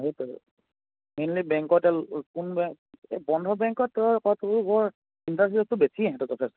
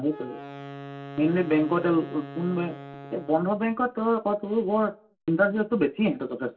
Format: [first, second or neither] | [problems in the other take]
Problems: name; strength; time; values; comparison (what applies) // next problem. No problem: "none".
first | background sound (Wind instrument, woodwind instrument); 16 dB below the speech // room echo; dies away in 0.2 s